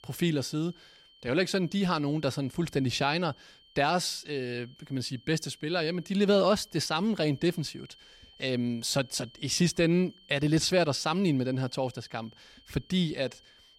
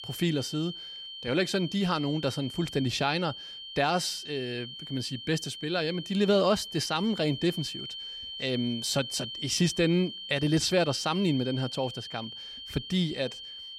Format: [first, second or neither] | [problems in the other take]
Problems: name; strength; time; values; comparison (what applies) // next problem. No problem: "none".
first | high-pitched whine; loud; throughout; 3 kHz, 9 dB below the speech; faint in the first